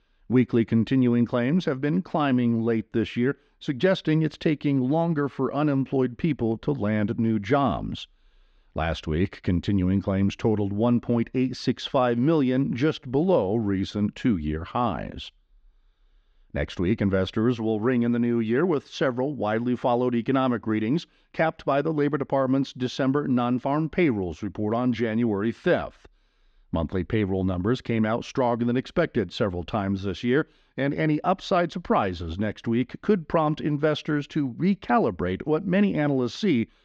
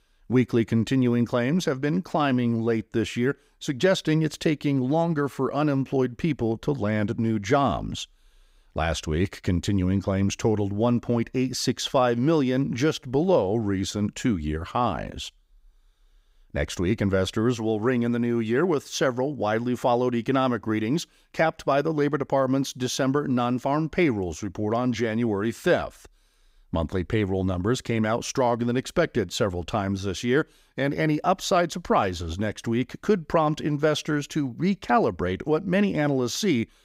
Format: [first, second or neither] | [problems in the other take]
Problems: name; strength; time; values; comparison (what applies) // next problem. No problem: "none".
second | muffled; slightly; fading above 4 kHz